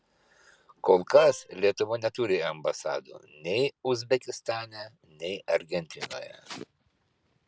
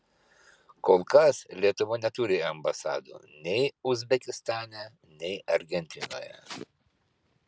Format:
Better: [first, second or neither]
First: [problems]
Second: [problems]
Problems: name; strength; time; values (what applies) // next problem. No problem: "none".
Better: second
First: background sound (Bowed string instrument); 12 dB below the speech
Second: none